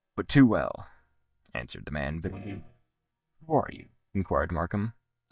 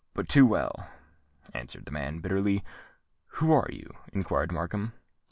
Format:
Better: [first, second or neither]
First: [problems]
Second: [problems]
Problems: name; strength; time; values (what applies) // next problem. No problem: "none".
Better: second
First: noise reduction (neural mask model DeepFilterNet 3)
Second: none